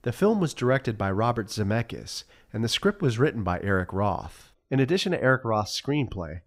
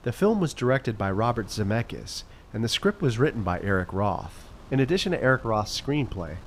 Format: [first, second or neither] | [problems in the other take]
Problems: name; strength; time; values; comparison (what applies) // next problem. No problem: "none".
first | wind noise on the microphone; occasional gusts; 25 dB below the speech